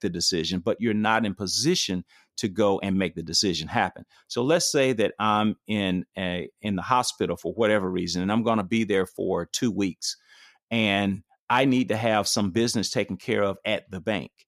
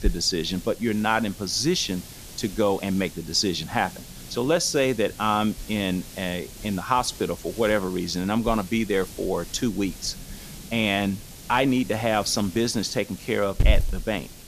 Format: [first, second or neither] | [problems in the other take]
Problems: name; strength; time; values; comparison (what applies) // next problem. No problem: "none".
first | hiss; noticeable; throughout; 10 dB below the speech